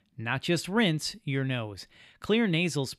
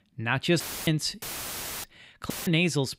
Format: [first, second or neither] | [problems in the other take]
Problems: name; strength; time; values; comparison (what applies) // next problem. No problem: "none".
first | audio cutting out; filled with static; at 0.5 s, at 1 s for 0.5 s and at 2.5 s